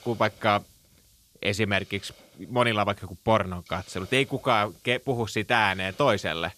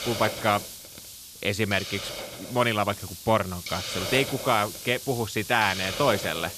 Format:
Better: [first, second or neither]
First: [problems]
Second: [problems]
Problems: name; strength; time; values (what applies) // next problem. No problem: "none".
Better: first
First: hiss; faint; throughout; 25 dB below the speech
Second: hiss; loud; throughout; 8 dB below the speech